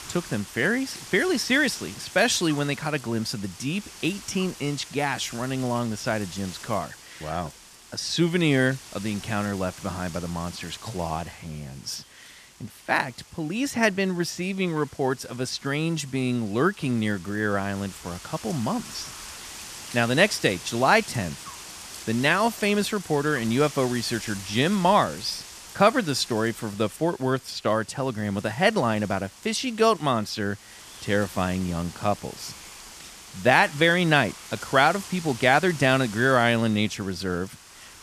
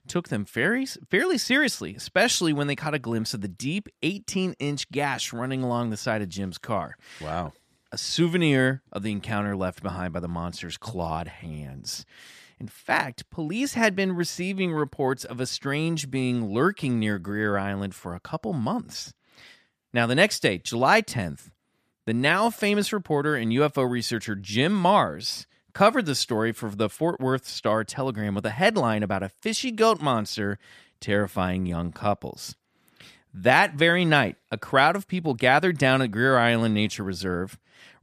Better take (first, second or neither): second